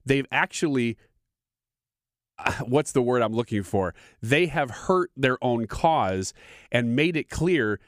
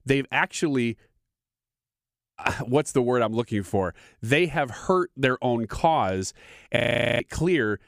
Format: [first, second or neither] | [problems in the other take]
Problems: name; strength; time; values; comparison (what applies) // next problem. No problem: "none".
first | audio freezing; at 7 s